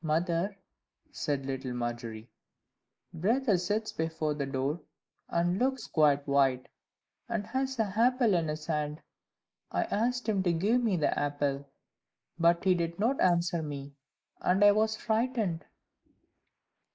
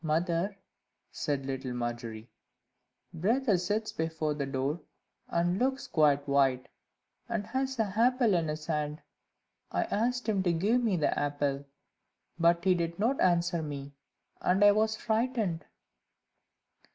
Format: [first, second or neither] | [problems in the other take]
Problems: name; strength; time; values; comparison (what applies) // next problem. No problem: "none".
second | noise reduction (neural mask model Resemble Enhance denoiser)